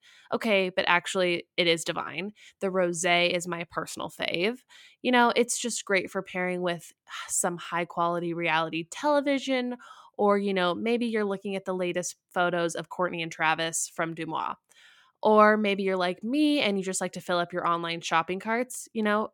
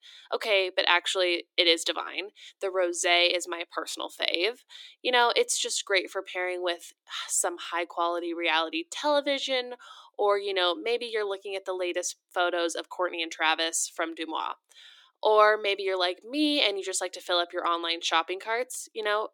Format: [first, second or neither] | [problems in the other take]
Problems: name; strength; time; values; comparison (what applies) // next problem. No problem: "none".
first | thin; somewhat; fading below 300 Hz